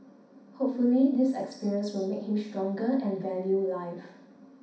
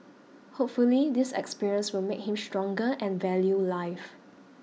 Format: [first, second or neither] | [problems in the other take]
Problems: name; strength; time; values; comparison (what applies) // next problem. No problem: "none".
second | room echo; dies away in 0.6 s